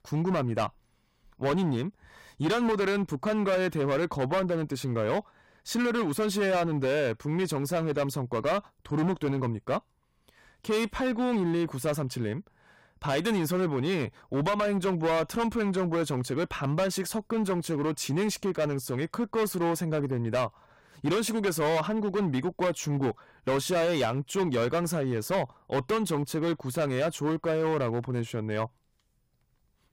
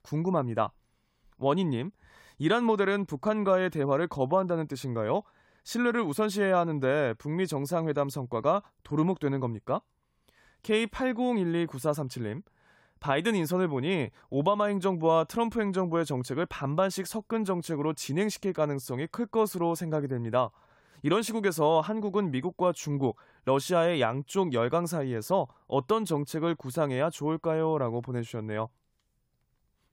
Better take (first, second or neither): second